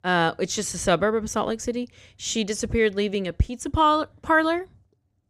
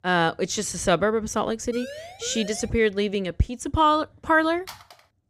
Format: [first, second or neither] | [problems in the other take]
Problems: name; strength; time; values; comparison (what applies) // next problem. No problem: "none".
first | siren; faint; at 1.5 s; peak 15 dB below the speech // phone ringing; faint; at 4.5 s; peak 20 dB below the speech